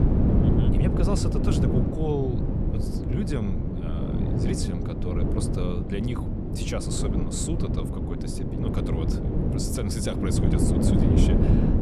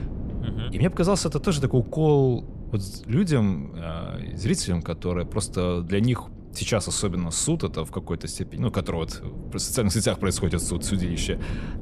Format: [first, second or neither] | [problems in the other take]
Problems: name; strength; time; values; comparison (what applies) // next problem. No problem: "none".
second | wind noise on the microphone; heavy; 2 dB above the speech; occasional gusts in the second